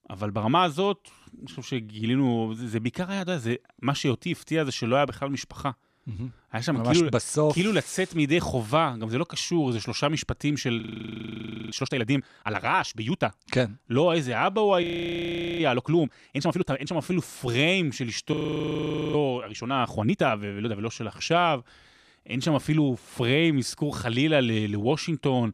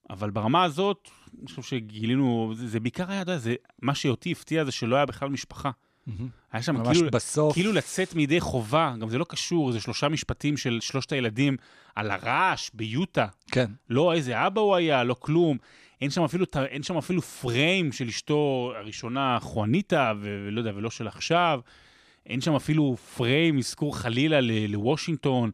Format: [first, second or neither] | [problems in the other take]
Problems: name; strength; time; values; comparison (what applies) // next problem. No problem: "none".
second | audio freezing; at 11 s for 1 s, at 15 s for 1 s and at 18 s for 1 s